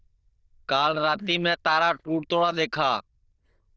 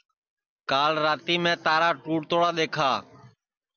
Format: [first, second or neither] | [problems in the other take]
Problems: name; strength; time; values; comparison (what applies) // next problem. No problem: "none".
second | noise reduction (neural diffusion model UNIVERSE++)